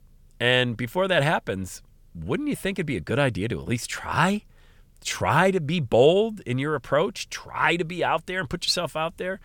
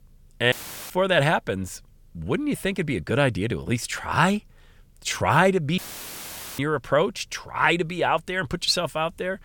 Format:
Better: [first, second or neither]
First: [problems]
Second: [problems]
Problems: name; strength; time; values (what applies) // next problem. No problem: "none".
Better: first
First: none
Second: audio cutting out; filled with static; at 0.5 s and at 6 s for 1 s